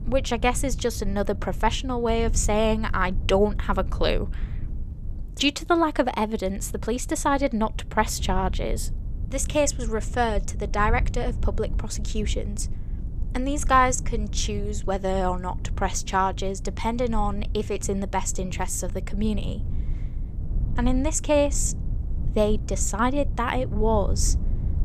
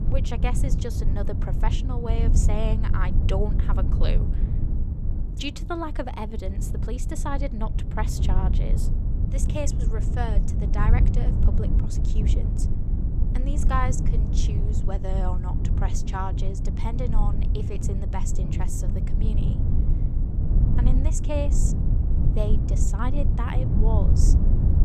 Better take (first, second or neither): first